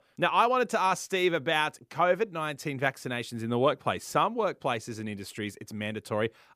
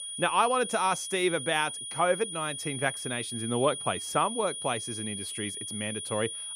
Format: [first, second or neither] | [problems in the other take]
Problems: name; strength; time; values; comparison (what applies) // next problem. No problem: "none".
first | high-pitched whine; loud; throughout; 9.5 kHz, 5 dB below the speech